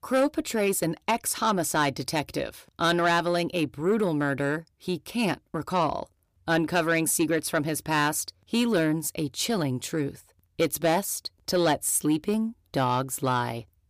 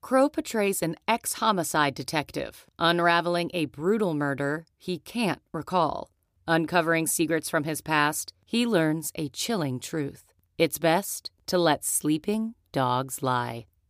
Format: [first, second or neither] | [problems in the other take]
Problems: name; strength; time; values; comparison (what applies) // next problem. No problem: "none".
second | distortion; slight; 10 dB below the speech